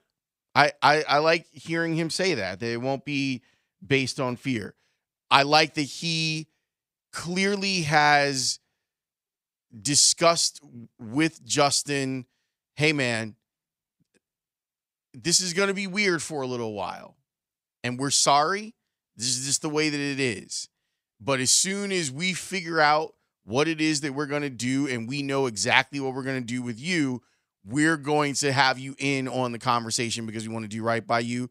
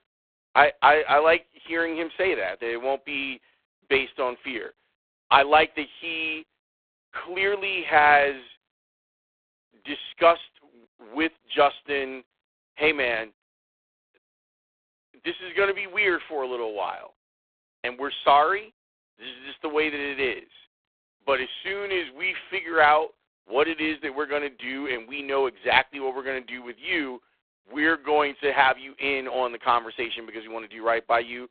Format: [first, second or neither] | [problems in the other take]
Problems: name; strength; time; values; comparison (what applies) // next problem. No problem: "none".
first | phone-call audio; poor line